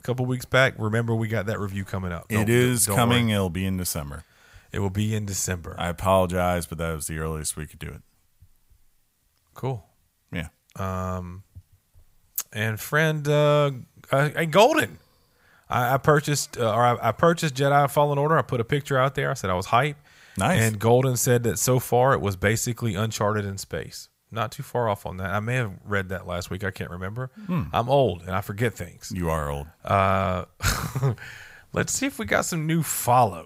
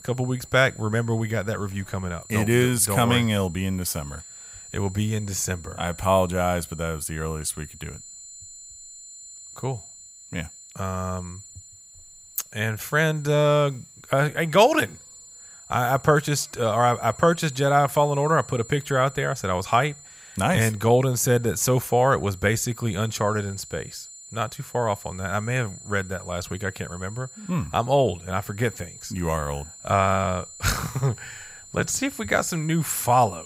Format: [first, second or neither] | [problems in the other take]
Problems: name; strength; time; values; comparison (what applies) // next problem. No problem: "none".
first | high-pitched whine; noticeable; throughout; 7 kHz, 20 dB below the speech